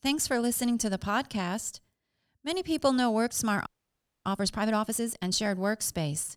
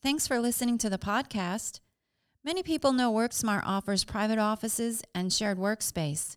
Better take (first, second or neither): second